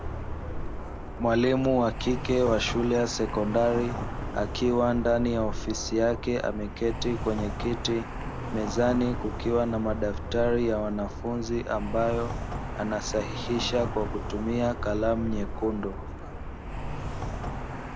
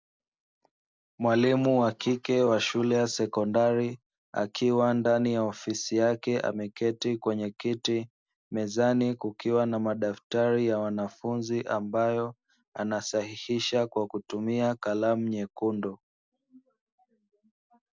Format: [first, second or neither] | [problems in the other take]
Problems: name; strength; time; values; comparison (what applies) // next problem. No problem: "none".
second | background sound (Traffic noise, roadway noise); 5 dB below the speech